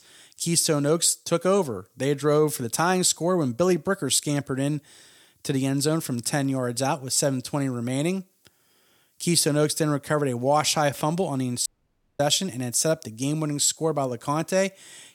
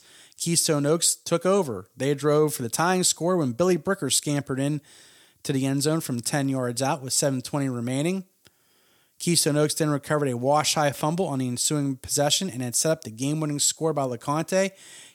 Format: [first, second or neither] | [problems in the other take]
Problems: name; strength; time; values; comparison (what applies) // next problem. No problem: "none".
second | audio cutting out; at 12 s for 0.5 s